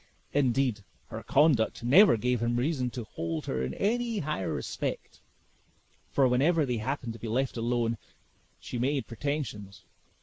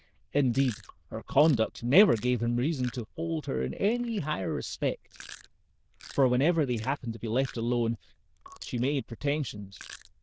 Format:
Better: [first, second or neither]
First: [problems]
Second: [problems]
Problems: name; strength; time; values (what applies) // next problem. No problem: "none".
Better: first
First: none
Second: noise reduction (neural diffusion model UNIVERSE++)